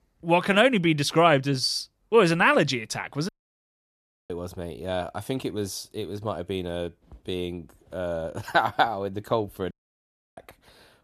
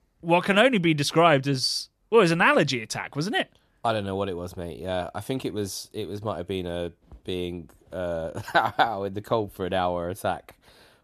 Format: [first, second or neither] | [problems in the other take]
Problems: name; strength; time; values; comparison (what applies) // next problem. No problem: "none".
second | audio cutting out; at 3.5 s for 1 s and at 9.5 s for 0.5 s